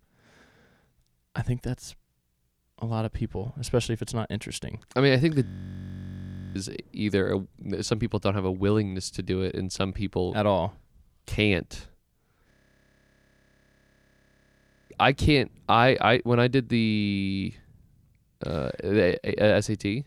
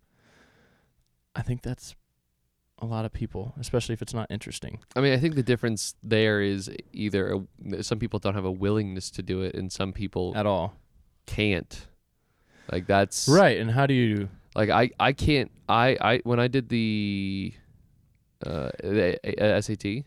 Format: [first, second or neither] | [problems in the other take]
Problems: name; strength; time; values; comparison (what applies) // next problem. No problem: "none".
second | audio freezing; at 5.5 s for 1 s and at 13 s for 2.5 s